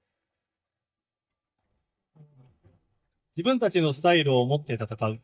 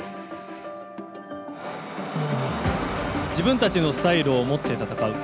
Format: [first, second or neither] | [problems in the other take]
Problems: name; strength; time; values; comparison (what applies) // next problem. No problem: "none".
second | noise reduction (neural mask model DeepFilterNet 3)